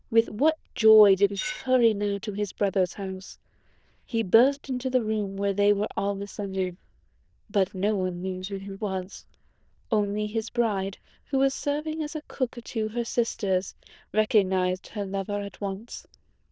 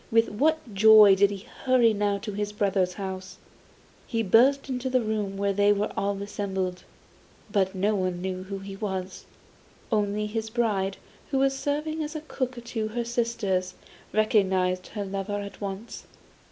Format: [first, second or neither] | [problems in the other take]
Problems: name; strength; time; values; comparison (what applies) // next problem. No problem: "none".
second | noise reduction (neural diffusion model UNIVERSE++)